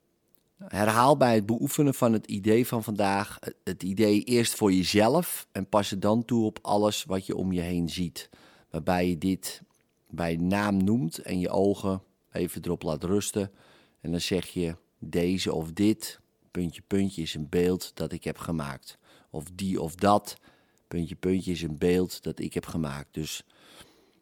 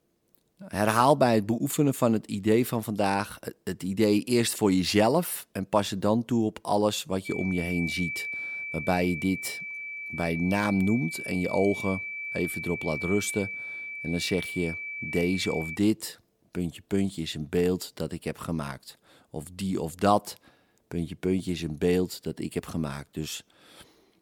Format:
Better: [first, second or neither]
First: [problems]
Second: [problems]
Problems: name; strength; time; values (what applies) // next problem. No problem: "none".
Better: first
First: none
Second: high-pitched whine; loud; from 7.5 to 16 s; 2.5 kHz, 6 dB below the speech